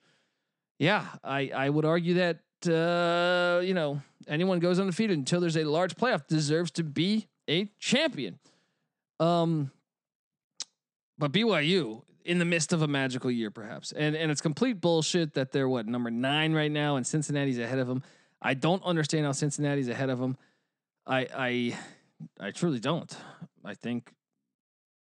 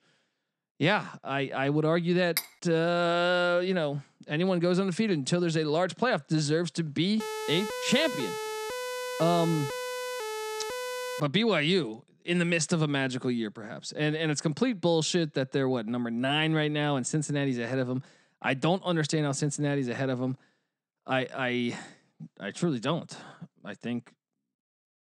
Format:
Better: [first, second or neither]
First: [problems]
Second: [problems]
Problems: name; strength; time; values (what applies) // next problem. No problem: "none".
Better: first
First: none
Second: clattering dishes; noticeable; at 2.5 s; peak 5 dB below the speech // siren; noticeable; from 7 to 11 s; peak 6 dB below the speech